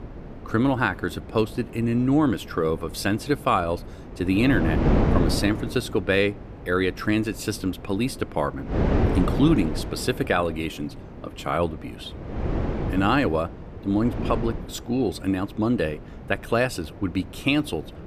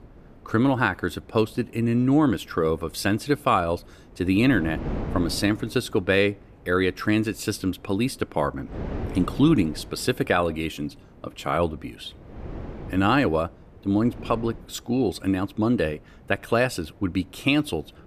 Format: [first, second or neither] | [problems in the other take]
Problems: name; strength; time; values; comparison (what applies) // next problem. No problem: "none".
second | wind noise on the microphone; heavy; 9 dB below the speech; occasional gusts in the second